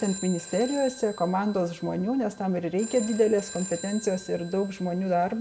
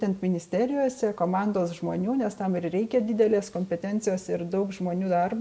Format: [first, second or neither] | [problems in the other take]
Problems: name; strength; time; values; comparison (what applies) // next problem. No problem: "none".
second | background sound (Telephone); 15 dB below the speech